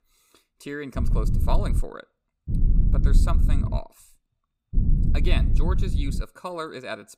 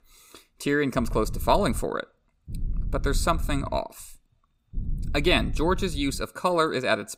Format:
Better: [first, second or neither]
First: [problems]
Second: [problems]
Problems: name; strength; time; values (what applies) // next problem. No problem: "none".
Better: second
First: low rumble; loud; at 1 s, from 2.5 to 4 s and from 4.5 to 6 s; 6 dB below the speech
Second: low rumble; faint; at 1 s, from 2.5 to 4 s and from 4.5 to 6 s; 25 dB below the speech